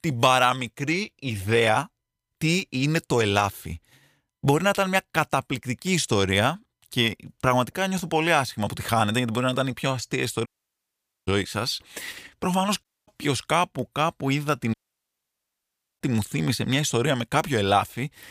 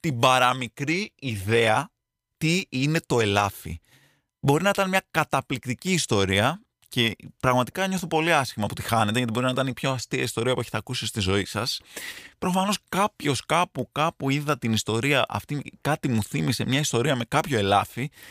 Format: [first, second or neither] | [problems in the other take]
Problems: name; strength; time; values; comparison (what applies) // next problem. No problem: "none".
second | audio cutting out; at 10 s for 1 s, at 13 s and at 15 s for 1.5 s